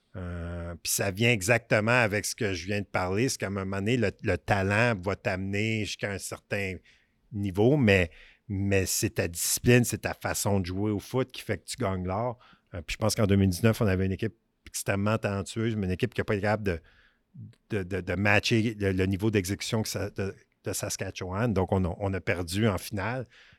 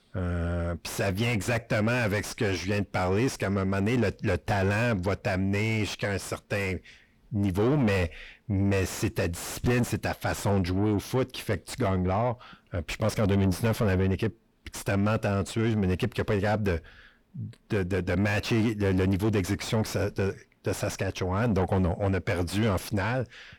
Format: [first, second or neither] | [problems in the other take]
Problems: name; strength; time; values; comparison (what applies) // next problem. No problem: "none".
first | distortion; heavy; 5 dB below the speech